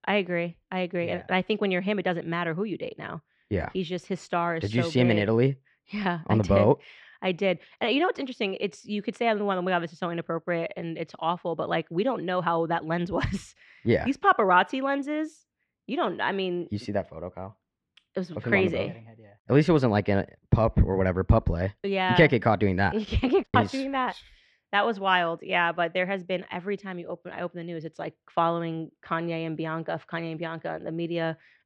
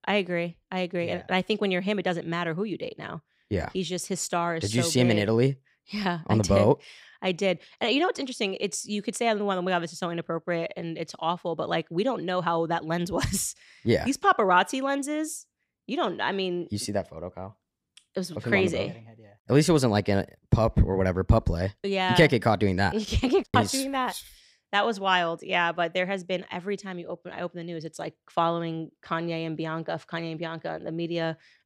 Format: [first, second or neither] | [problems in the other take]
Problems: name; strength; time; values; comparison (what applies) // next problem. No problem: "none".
second | muffled; slightly; fading above 2.5 kHz